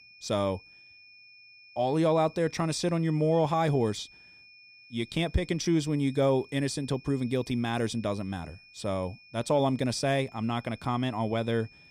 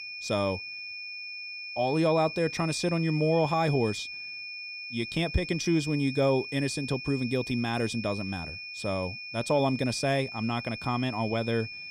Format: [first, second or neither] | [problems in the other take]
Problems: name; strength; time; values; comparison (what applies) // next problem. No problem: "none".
first | high-pitched whine; loud; throughout; 2.5 kHz, 8 dB below the speech; faint in the first